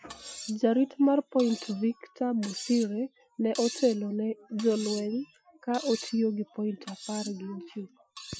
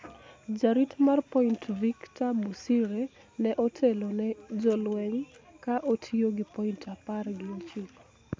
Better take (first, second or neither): second